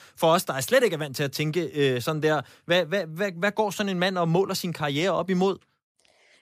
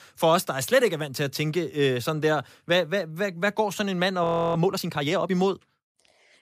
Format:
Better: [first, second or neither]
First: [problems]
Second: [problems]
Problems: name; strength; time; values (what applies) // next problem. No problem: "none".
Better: first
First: none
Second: audio freezing; at 4 s